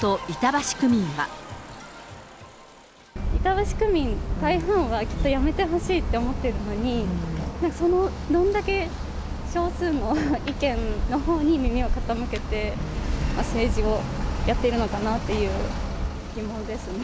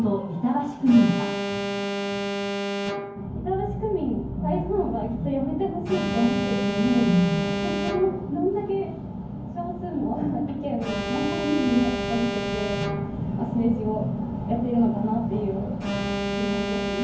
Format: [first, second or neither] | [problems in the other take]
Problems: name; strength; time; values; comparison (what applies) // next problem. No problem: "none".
first | background sound (Alarm); 6 dB below the speech // room echo; dies away in 0.9 s